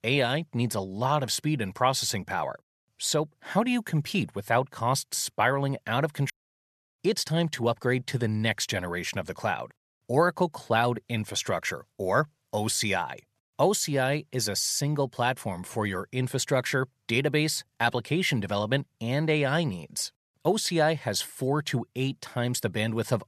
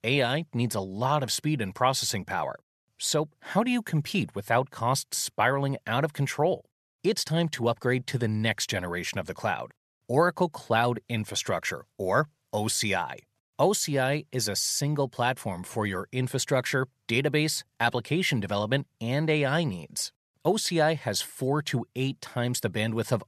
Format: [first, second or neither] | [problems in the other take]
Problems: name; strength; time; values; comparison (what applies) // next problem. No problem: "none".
second | audio cutting out; at 6.5 s